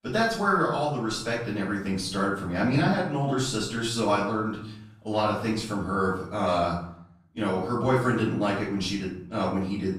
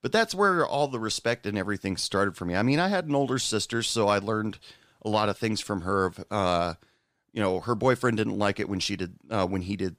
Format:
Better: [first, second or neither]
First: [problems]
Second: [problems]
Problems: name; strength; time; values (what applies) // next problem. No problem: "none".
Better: second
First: off-mic speech; far // room echo; noticeable; dies away in 0.6 s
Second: none